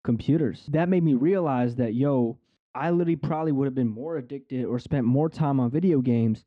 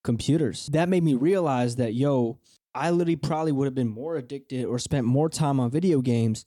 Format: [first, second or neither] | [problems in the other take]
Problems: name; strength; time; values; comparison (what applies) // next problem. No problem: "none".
second | muffled; very; fading above 2 kHz